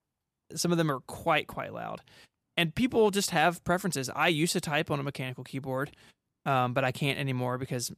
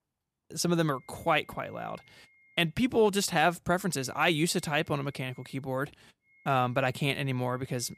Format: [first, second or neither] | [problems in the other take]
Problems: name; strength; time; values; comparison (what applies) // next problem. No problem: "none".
first | high-pitched whine; faint; from 1 to 2.5 s, from 4 to 5.5 s and from 6.5 s on; 2 kHz, 30 dB below the speech